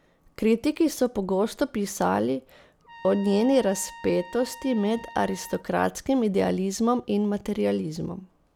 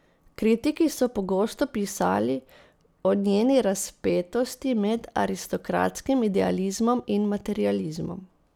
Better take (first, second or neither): second